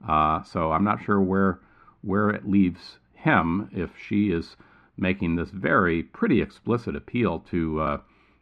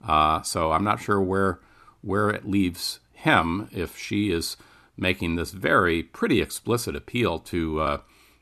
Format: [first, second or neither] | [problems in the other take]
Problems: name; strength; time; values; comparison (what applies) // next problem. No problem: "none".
second | muffled; slightly; fading above 2 kHz